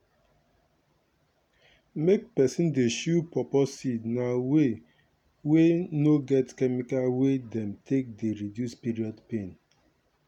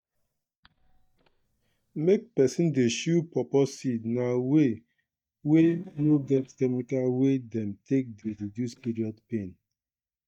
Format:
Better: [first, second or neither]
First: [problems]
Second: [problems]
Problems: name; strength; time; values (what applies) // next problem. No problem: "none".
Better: first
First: none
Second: noise reduction (neural mask model DeepFilterNet 3)